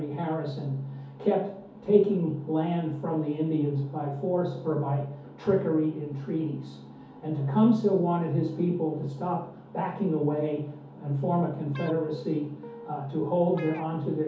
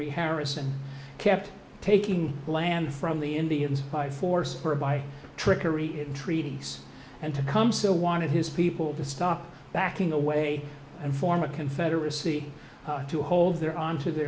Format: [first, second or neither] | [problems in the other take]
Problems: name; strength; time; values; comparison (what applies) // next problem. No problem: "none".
second | background sound (Guitar); 18 dB below the speech // room echo; dies away in 0.5 s